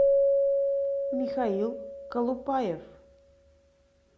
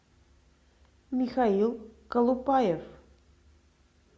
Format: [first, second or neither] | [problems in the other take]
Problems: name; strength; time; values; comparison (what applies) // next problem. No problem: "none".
second | background sound (Keyboard (musical)); 5 dB above the speech